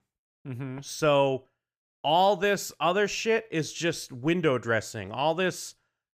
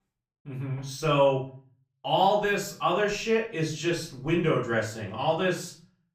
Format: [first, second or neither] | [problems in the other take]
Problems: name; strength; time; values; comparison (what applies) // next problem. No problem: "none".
first | off-mic speech; far // room echo; slight; dies away in 0.4 s